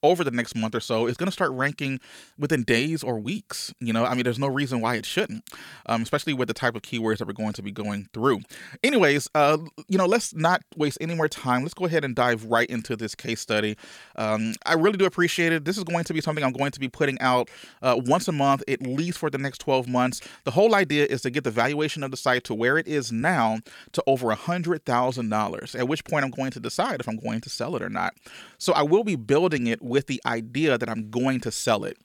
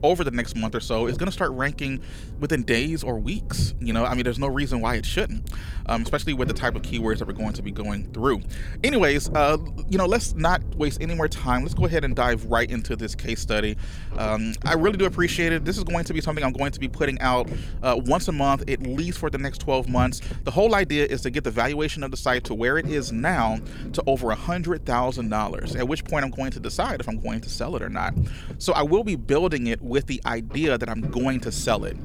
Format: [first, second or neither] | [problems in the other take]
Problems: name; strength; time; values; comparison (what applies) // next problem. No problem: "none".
first | low rumble; faint; throughout; 20 dB below the speech